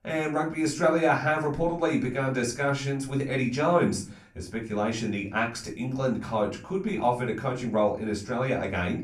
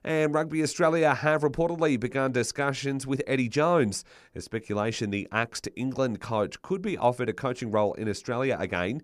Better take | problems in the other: second | off-mic speech; far // room echo; slight; dies away in 0.3 s

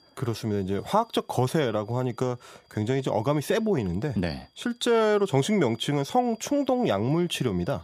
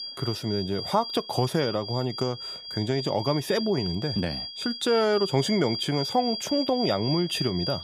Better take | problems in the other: first | high-pitched whine; loud; throughout; 5 kHz, 6 dB below the speech; faint in the first

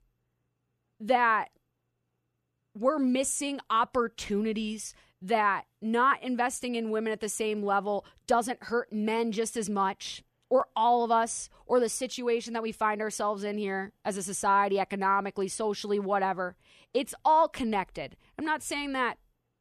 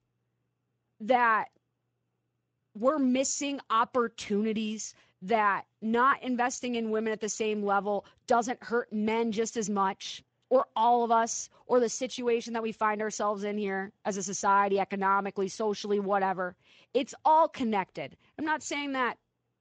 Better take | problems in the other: first | garbled, watery; slightly; nothing above 7.5 kHz

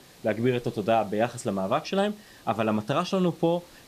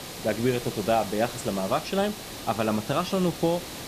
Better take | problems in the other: first | hiss; loud; throughout; 9 dB below the speech; faint in the first

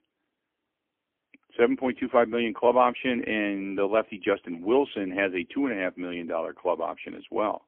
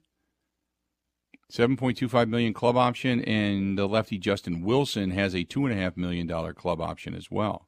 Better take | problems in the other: second | phone-call audio; poor line; nothing above 3.5 kHz

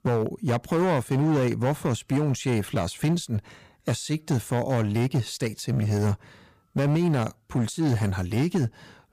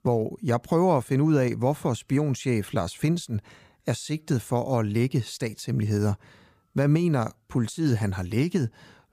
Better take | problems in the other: second | distortion; slight; 12% of the sound clipped

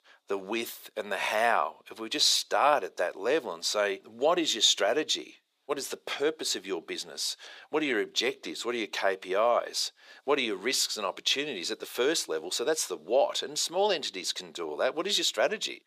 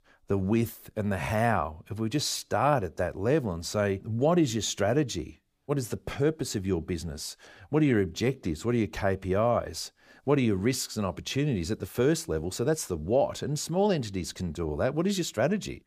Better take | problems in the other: second | thin; very; fading below 400 Hz

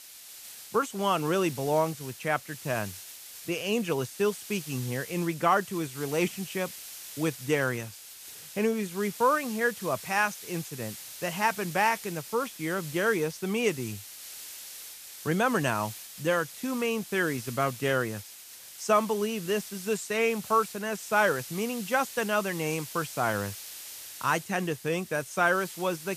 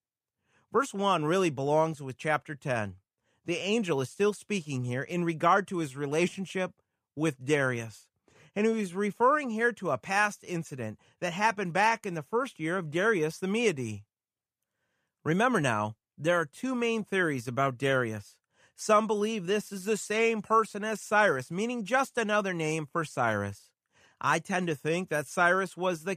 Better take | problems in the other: second | hiss; noticeable; throughout; 10 dB below the speech

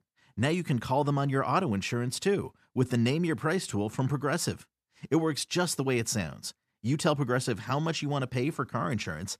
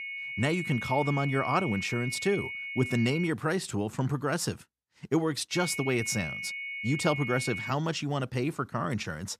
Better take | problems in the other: first | high-pitched whine; loud; until 3.5 s and from 5.5 to 7.5 s; 2 kHz, 5 dB below the speech

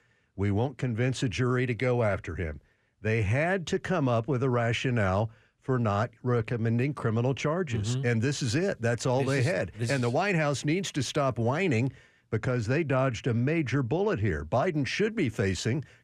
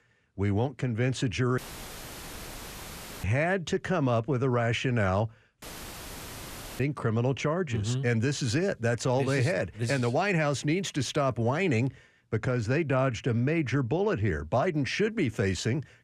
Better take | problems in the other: first | audio cutting out; filled with static; at 1.5 s for 1.5 s and at 5.5 s for 1 s

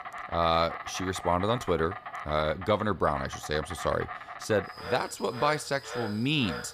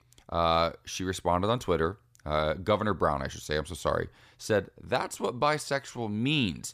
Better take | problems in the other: second | animal sounds; noticeable; throughout; 10 dB below the speech

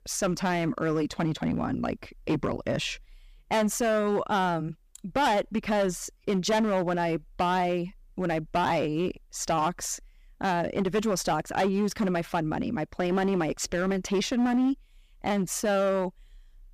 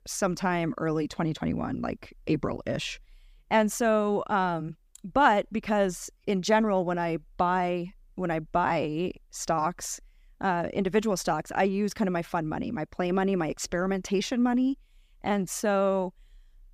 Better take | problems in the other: second | distortion; slight; 9% of the sound clipped

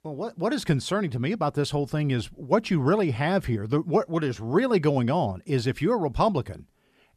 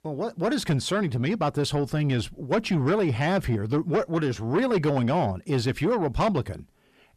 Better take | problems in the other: first | distortion; slight; 10 dB below the speech

